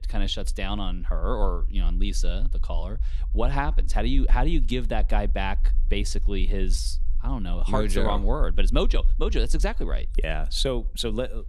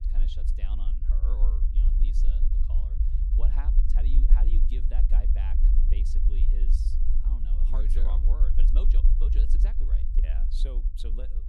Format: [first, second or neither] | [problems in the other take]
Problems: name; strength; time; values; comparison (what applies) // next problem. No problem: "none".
first | low rumble; loud; throughout; 1 dB below the speech; faint in the first